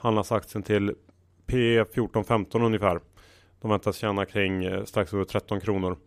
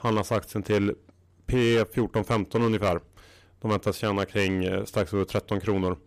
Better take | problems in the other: first | distortion; slight; 6% of the sound clipped

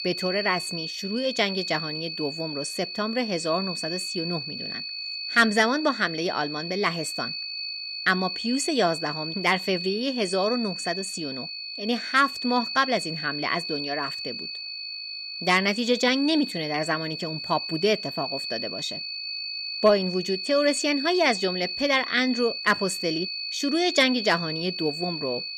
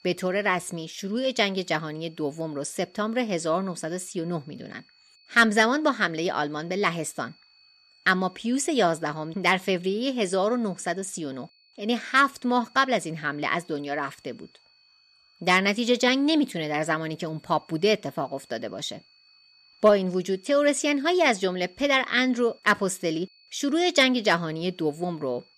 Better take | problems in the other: second | high-pitched whine; loud; throughout; 4.5 kHz, 5 dB below the speech; faint in the second

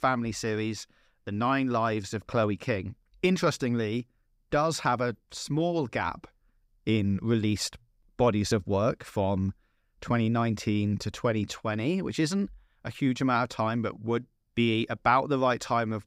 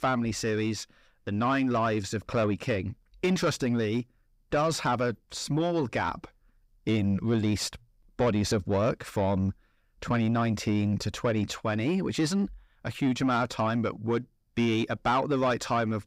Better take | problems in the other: first | distortion; slight; 10 dB below the speech

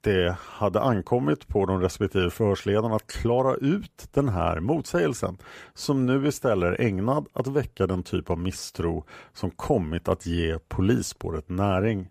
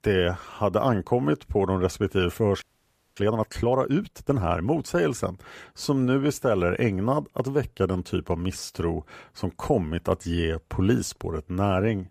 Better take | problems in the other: first | audio freezing; at 2.5 s for 0.5 s

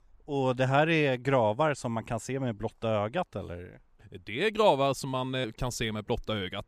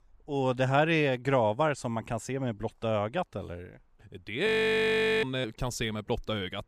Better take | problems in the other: first | audio freezing; at 4.5 s for 1 s

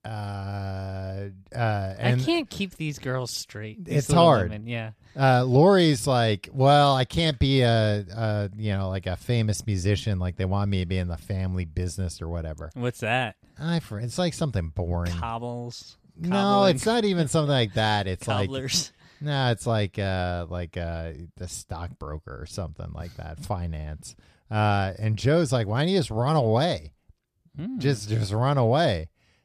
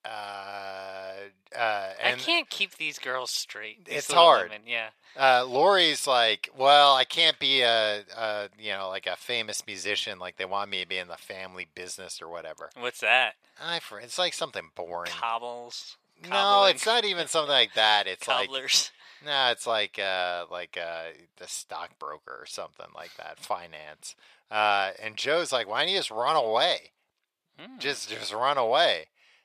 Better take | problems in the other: first | thin; very; fading below 700 Hz

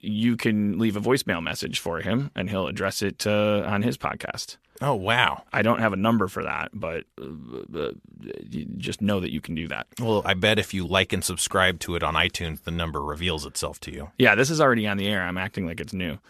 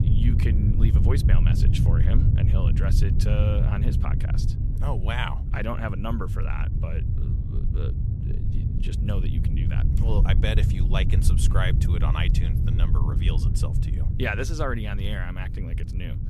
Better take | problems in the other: first | low rumble; loud; throughout; 4 dB below the speech

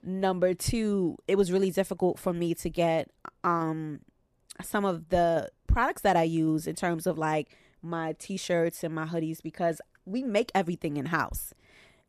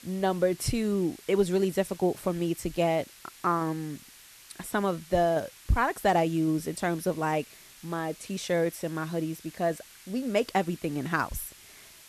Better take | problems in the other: first | hiss; faint; throughout; 20 dB below the speech

